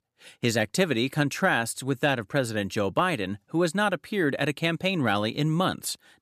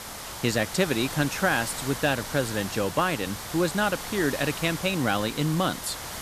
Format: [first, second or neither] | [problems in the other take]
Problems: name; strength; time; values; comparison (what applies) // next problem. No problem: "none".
first | hiss; loud; throughout; 8 dB below the speech